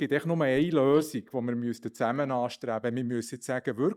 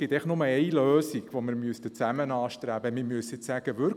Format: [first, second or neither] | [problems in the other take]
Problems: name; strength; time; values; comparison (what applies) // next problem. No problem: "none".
second | noise reduction (neural mask model DeepFilterNet 3)